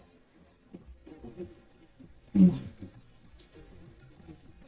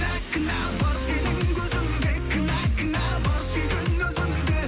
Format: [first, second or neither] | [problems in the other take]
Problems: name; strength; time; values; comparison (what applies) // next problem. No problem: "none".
second | noise reduction (neural mask model DeepFilterNet 3)